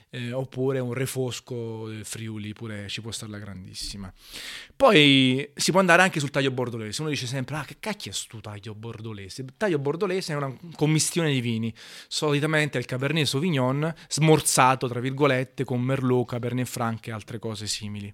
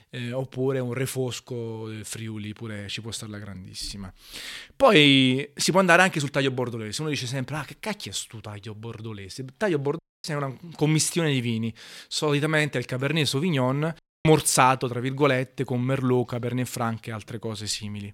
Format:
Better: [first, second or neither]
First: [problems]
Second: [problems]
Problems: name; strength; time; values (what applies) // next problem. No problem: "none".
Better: first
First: none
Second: audio cutting out; at 10 s and at 14 s